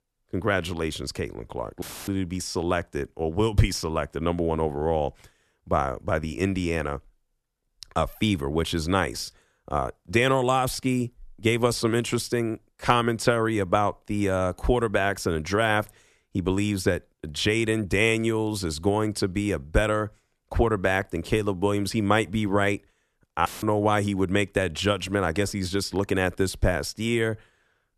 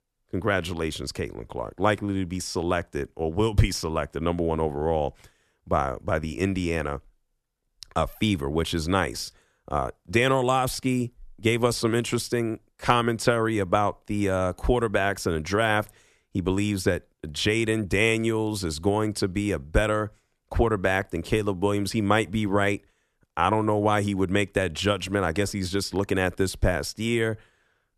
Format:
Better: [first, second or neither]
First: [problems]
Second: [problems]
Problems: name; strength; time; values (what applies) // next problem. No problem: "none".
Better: second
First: audio cutting out; filled with static; at 2 s and at 23 s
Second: none